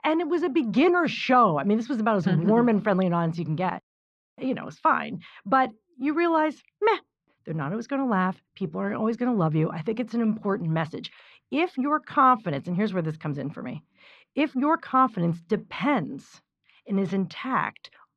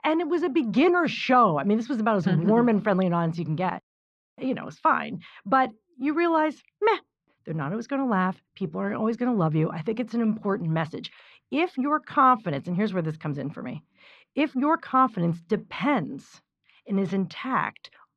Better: neither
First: muffled; slightly; fading above 3 kHz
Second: muffled; slightly; fading above 3 kHz

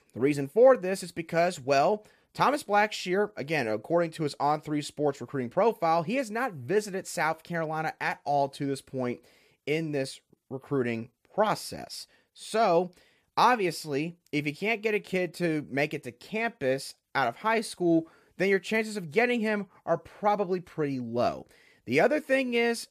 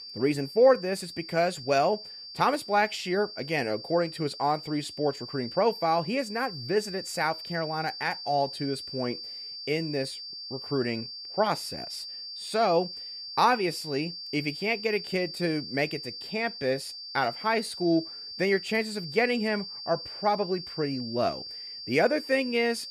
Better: first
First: none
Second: high-pitched whine; loud; throughout; 4.5 kHz, 9 dB below the speech

